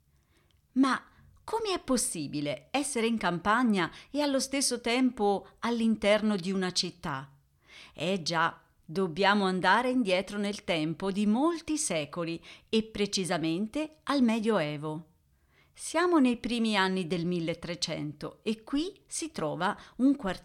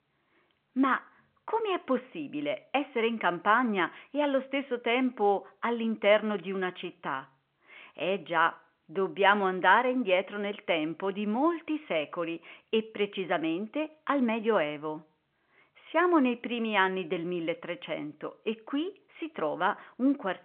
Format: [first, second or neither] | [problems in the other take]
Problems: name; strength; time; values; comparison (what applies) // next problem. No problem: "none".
first | phone-call audio; nothing above 3 kHz